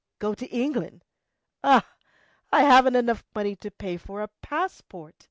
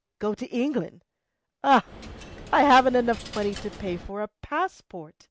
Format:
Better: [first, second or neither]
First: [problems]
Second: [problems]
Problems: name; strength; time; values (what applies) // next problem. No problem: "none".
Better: first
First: none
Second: background sound (Coin (dropping)); 15 dB below the speech